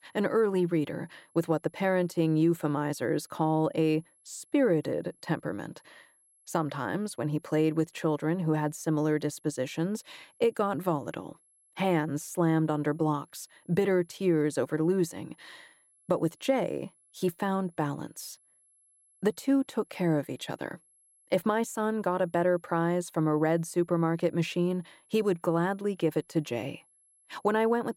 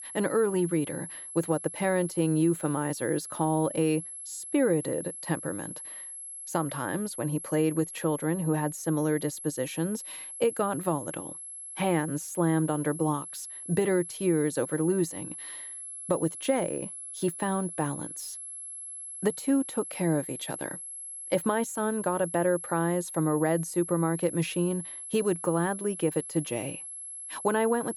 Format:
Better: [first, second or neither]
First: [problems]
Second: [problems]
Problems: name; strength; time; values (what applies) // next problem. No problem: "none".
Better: first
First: high-pitched whine; faint; throughout; 11 kHz, 35 dB below the speech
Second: high-pitched whine; loud; throughout; 11 kHz, 9 dB below the speech